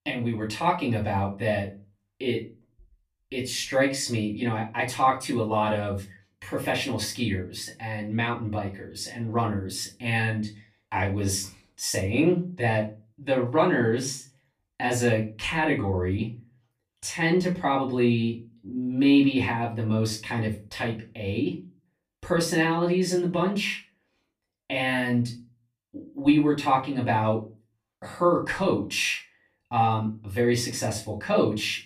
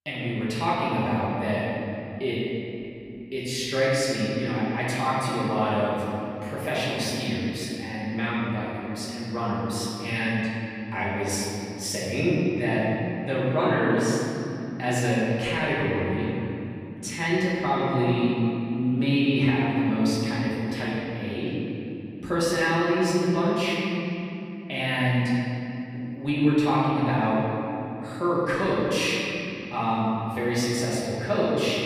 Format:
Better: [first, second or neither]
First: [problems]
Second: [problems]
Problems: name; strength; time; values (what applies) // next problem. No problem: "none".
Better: first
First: room echo; slight; dies away in 0.3 s // off-mic speech; far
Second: room echo; strong; dies away in 3 s // off-mic speech; far